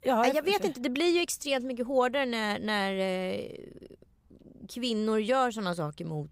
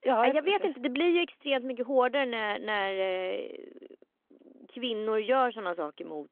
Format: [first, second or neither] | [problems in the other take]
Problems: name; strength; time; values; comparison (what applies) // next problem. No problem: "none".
first | phone-call audio; nothing above 3.5 kHz